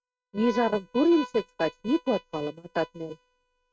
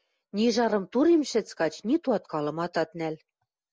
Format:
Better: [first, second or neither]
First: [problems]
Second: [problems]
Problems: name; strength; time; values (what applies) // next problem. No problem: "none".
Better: second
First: noise reduction (neural mask model RNNoise)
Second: none